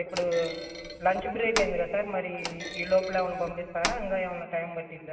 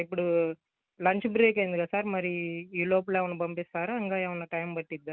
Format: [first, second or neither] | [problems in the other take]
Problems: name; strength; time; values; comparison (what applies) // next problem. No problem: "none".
second | background sound (Thump, thud); 8 dB below the speech // room echo; dies away in 2 s